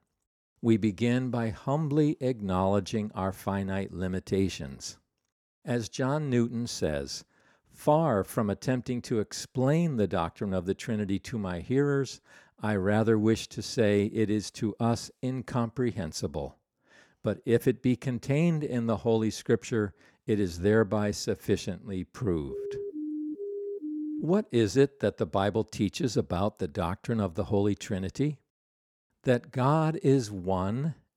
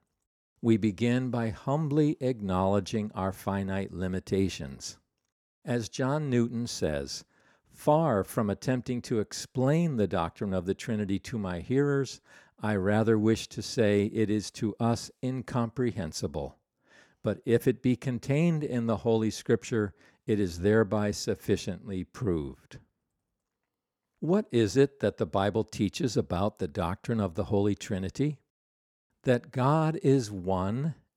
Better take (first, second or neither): second